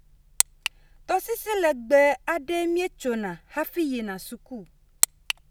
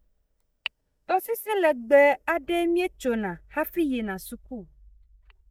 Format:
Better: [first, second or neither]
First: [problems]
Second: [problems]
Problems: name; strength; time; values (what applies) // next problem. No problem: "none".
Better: first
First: none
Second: noise reduction (neural mask model DeepFilterNet 3)